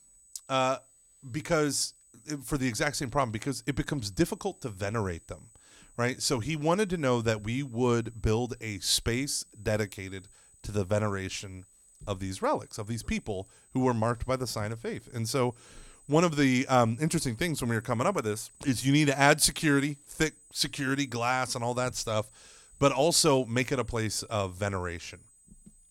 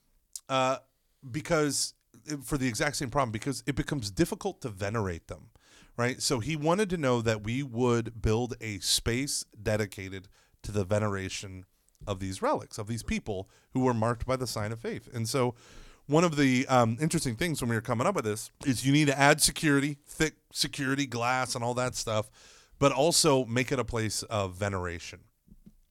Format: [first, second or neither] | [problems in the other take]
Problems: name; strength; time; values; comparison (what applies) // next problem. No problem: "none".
second | high-pitched whine; faint; throughout; 8 kHz, 25 dB below the speech